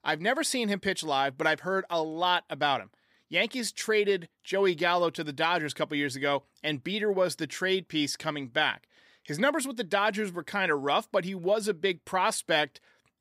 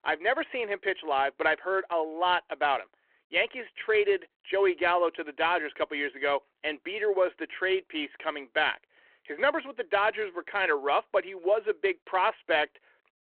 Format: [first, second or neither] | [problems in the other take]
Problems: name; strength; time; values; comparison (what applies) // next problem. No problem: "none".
first | phone-call audio